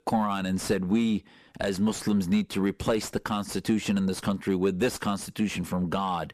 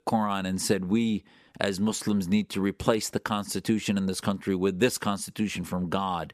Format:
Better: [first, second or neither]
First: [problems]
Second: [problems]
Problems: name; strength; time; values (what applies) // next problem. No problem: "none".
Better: second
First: distortion; slight; 10 dB below the speech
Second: none